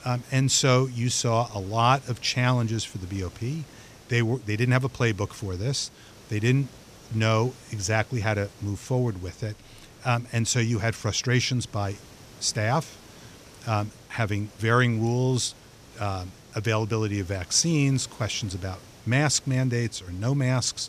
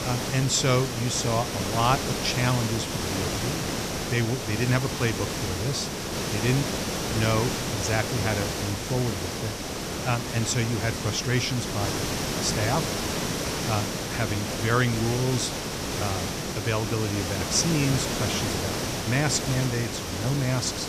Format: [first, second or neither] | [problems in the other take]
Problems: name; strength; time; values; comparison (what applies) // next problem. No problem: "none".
first | hiss; loud; throughout; 1 dB below the speech; faint in the first